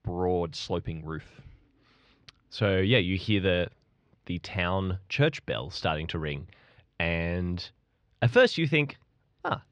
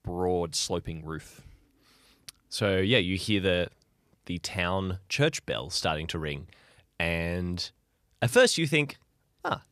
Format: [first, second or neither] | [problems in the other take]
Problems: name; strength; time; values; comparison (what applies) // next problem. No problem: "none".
second | muffled; slightly; fading above 4 kHz